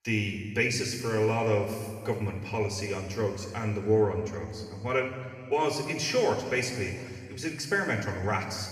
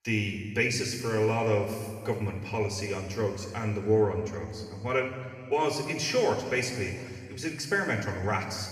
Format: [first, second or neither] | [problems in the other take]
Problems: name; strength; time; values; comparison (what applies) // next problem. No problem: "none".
neither | room echo; noticeable; dies away in 2 s; the same in both // off-mic speech; somewhat distant; the same in both